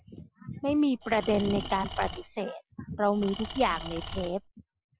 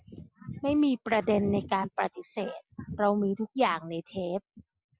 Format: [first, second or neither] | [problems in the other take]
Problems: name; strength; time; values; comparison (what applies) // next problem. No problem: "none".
second | background sound (Engine / Tools); 10 dB below the speech